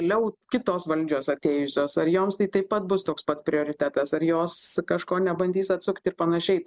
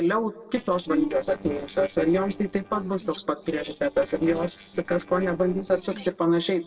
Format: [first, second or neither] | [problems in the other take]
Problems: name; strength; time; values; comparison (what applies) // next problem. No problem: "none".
first | noise reduction (neural separator model SepFormer DNS4)